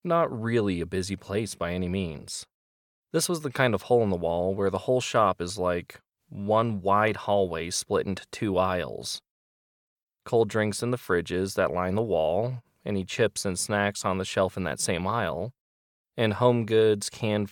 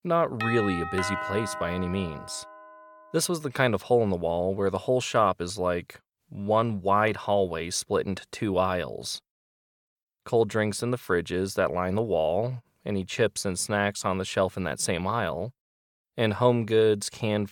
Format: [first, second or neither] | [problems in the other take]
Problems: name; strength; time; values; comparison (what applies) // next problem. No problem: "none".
first | doorbell; noticeable; until 2.5 s; peak 3 dB below the speech